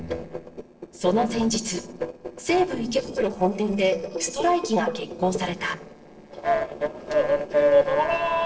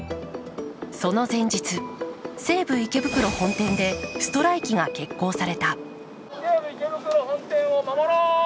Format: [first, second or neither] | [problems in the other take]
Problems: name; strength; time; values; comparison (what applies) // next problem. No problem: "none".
second | noise reduction (neural separator model SepFormer DNS4)